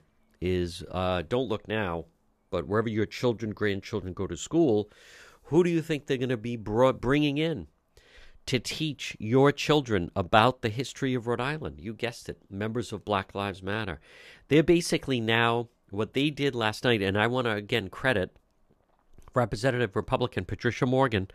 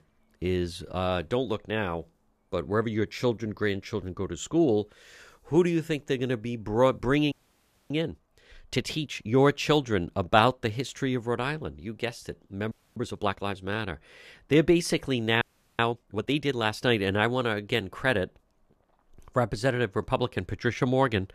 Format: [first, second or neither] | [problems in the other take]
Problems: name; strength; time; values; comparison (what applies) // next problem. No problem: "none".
first | audio freezing; at 7.5 s for 0.5 s, at 13 s and at 15 s